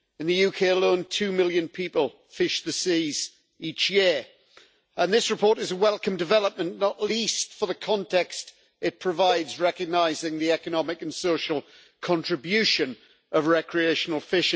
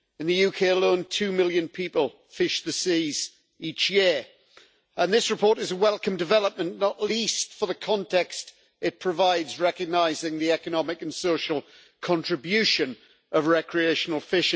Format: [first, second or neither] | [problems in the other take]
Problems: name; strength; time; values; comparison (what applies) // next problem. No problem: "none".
second | background sound (Cowbell); 14 dB below the speech